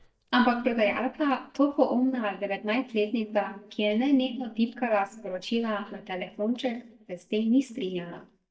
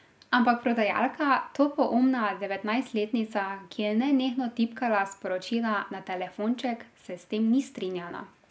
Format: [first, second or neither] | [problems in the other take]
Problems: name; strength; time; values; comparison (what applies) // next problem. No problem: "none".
second | noise reduction (neural mask model DeepFilterNet 3)